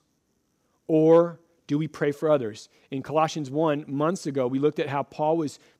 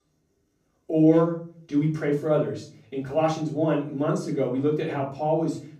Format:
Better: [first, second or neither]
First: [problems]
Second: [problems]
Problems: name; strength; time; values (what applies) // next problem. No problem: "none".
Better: first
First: none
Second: off-mic speech; far // room echo; slight; dies away in 0.5 s